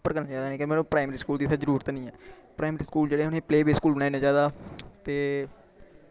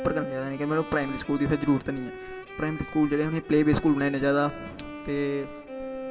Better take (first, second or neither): first